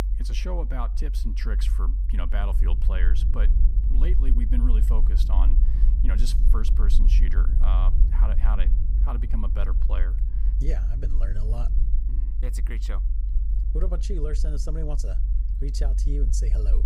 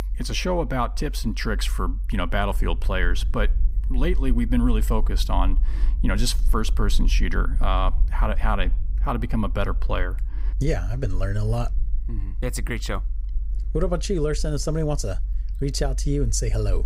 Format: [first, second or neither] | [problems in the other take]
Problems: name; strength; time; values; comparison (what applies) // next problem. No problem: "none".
second | low rumble; loud; throughout; 7 dB below the speech; faint in the second